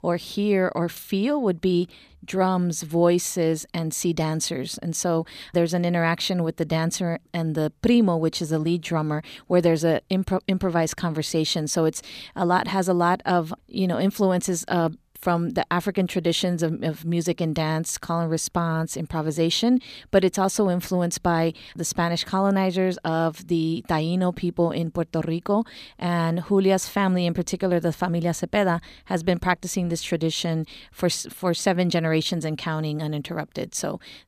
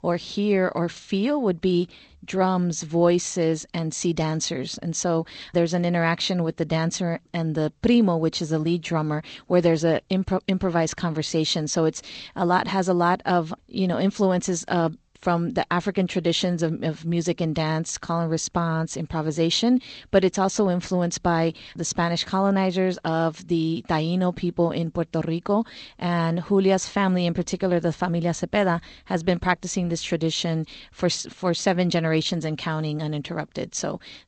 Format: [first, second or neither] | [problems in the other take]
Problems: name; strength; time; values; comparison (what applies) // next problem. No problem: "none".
first | garbled, watery; slightly; nothing above 7.5 kHz